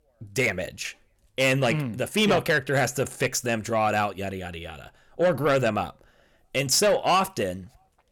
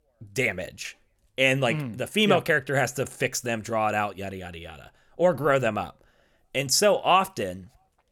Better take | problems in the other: second | distortion; slight; 10 dB below the speech

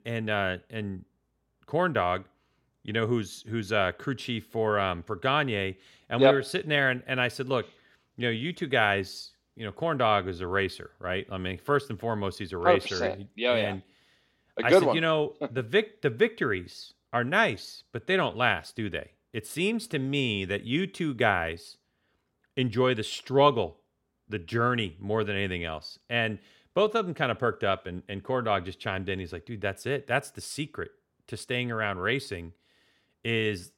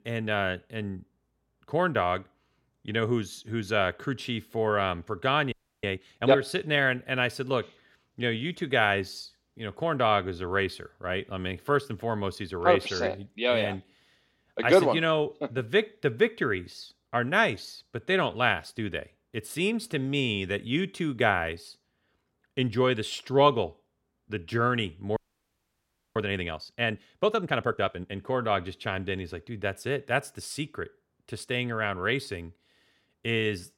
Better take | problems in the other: first | audio freezing; at 5.5 s and at 25 s for 1 s

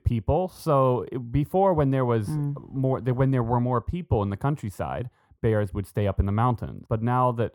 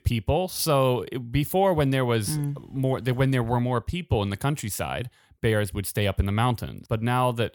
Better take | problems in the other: second | muffled; very; fading above 2 kHz

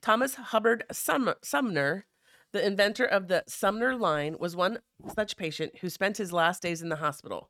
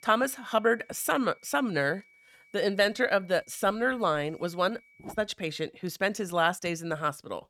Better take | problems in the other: first | high-pitched whine; faint; until 5 s; 2.5 kHz, 30 dB below the speech

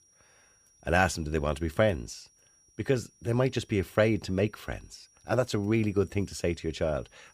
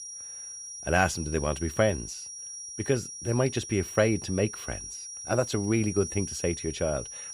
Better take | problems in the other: first | high-pitched whine; loud; throughout; 5.5 kHz, 9 dB below the speech; faint in the first

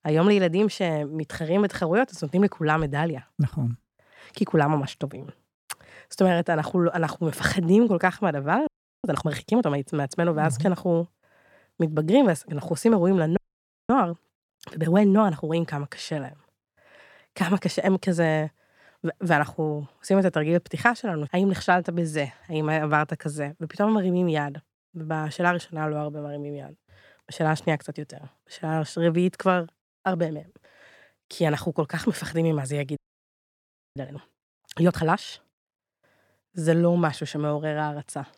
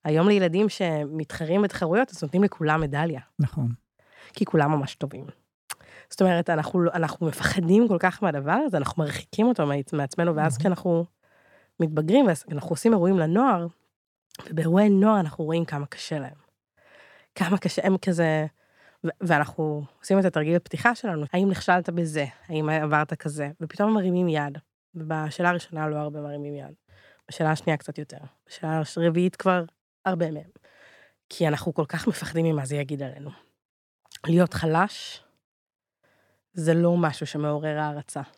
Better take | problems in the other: second | audio freezing; at 8.5 s, at 13 s for 0.5 s and at 33 s for 1 s

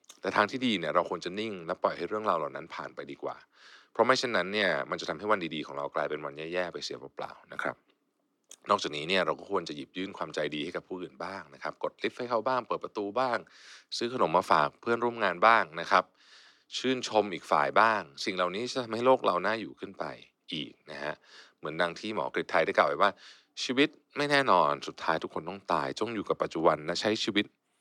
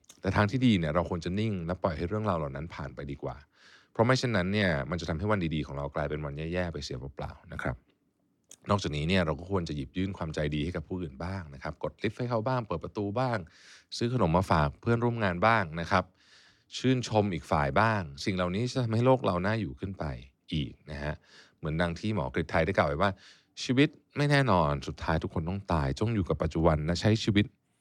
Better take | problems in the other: second | thin; somewhat; fading below 350 Hz

